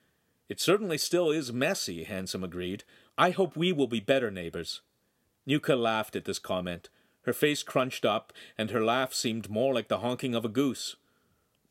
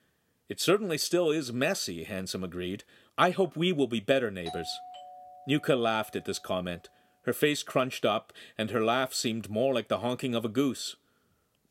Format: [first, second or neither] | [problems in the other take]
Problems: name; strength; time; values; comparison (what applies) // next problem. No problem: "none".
first | doorbell; faint; from 4.5 to 6.5 s; peak 10 dB below the speech